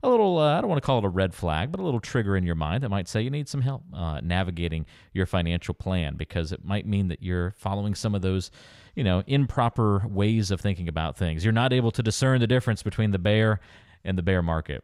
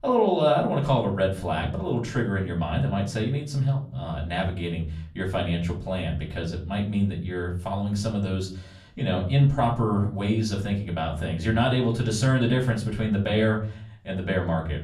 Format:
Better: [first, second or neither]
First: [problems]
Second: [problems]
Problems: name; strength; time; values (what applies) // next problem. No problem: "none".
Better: first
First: none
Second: off-mic speech; far // room echo; very slight; dies away in 0.4 s